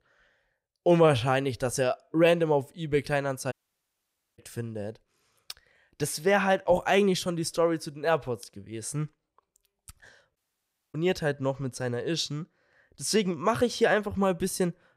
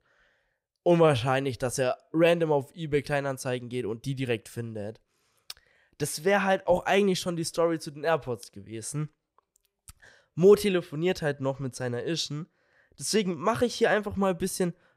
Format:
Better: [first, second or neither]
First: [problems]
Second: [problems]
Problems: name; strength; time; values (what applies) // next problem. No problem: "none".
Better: second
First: audio cutting out; at 3.5 s for 1 s and at 10 s for 0.5 s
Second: none